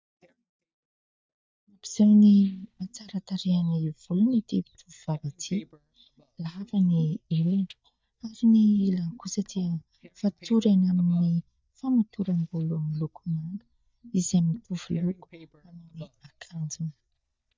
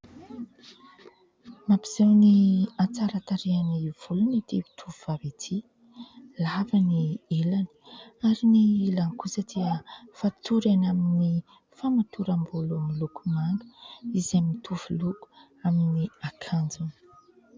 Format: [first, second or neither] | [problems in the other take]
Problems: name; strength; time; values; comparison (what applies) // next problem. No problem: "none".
second | noise reduction (neural mask model DeepFilterNet 3)